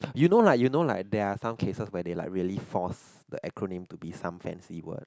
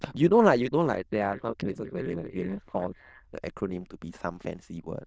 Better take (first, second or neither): first